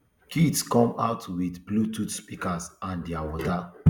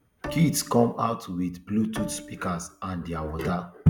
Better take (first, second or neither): first